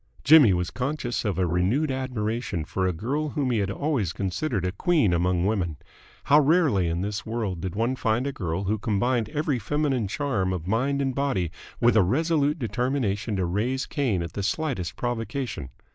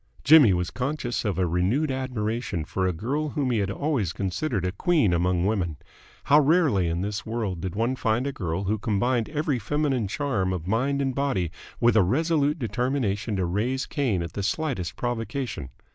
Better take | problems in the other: second | noise reduction (neural mask model Resemble Enhance denoiser)

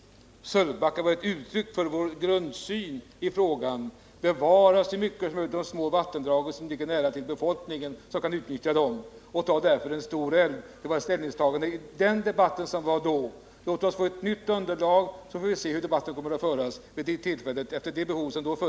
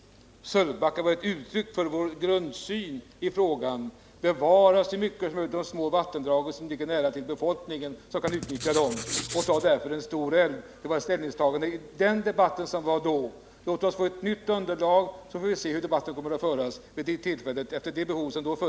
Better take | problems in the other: first | background sound (Writing); 8 dB below the speech

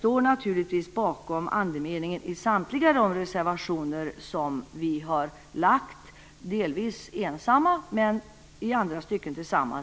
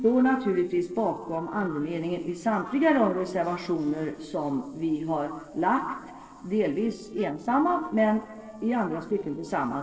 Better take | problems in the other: first | noise reduction (neural separator model SepFormer DNS4)

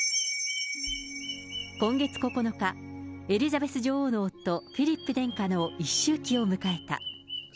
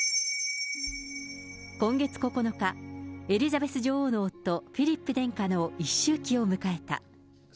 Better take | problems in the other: second | background sound (Bird vocalization, bird call, bird song); 14 dB below the speech

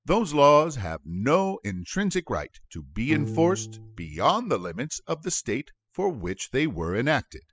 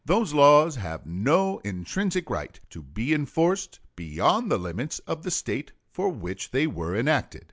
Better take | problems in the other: second | noise reduction (classical method spectral subtraction)

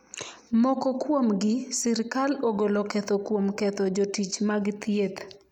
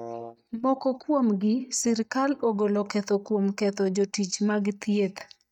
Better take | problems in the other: first | noise reduction (neural mask model DeepFilterNet 3)

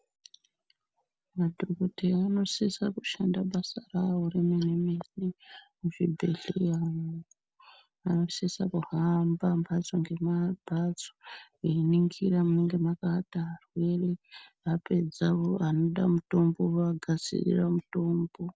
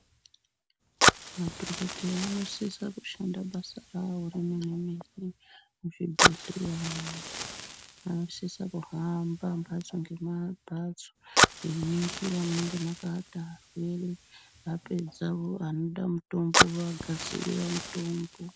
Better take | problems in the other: first | background sound (Fire); 1 dB above the speech

